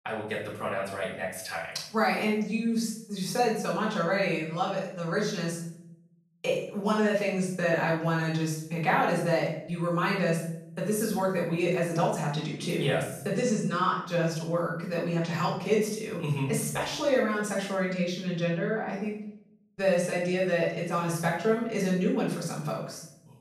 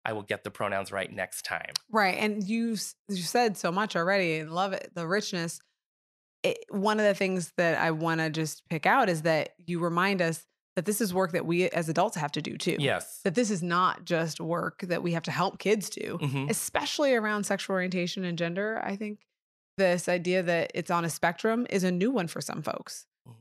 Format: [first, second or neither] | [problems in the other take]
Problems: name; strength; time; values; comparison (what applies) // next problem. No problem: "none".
second | room echo; noticeable; dies away in 0.7 s // off-mic speech; far